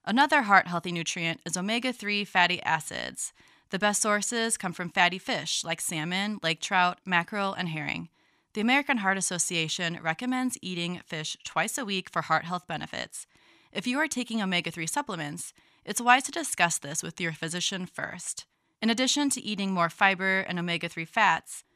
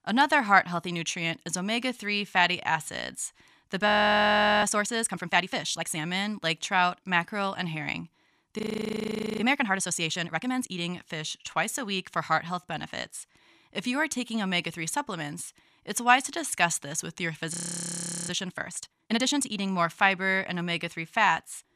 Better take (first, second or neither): first